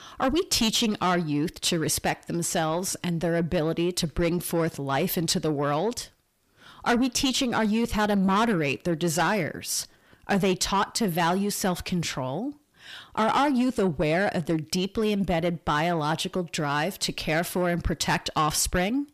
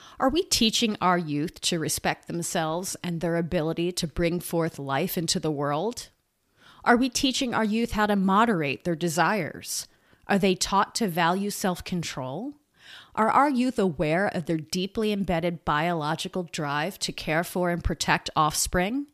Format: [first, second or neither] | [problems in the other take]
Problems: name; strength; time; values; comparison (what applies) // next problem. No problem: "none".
second | distortion; slight; 10 dB below the speech